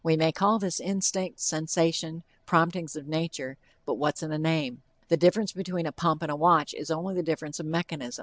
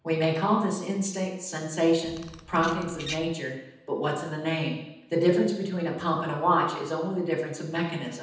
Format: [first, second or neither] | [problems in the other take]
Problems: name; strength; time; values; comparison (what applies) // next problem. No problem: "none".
first | background sound (Bird vocalization, bird call, bird song); 14 dB below the speech // room echo; dies away in 0.9 s